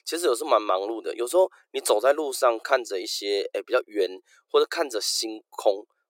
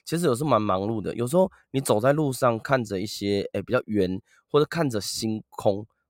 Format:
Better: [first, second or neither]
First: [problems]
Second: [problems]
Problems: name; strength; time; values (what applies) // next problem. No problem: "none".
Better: second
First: thin; very; fading below 350 Hz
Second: none